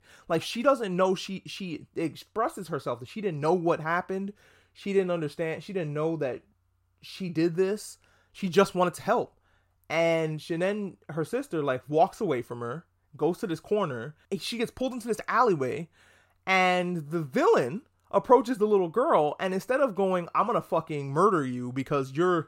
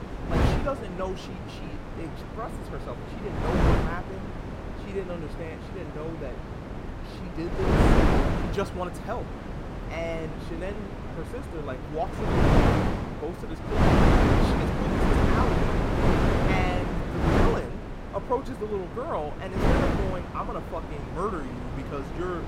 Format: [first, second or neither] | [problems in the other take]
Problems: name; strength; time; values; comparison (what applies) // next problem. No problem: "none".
first | wind noise on the microphone; heavy; 4 dB above the speech